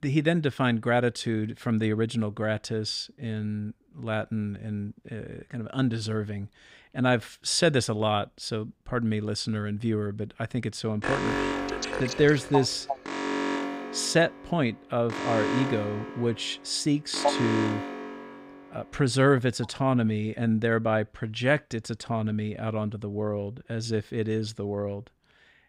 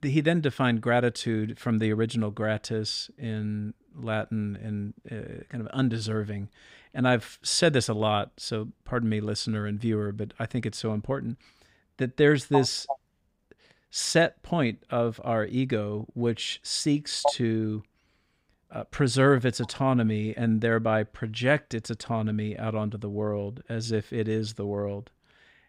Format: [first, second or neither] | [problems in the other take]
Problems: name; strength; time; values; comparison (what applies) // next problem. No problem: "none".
second | alarm; loud; from 11 to 18 s; peak 1 dB above the speech